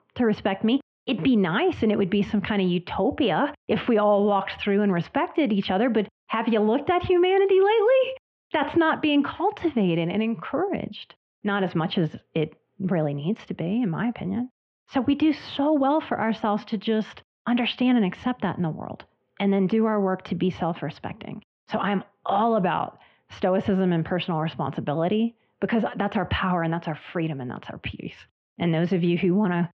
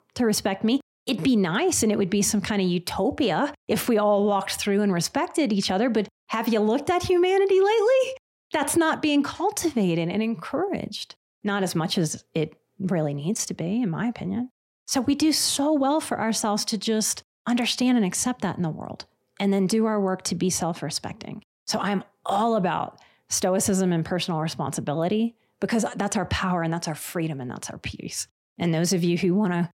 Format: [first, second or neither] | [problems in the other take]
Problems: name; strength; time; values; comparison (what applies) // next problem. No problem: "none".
second | muffled; very; fading above 3 kHz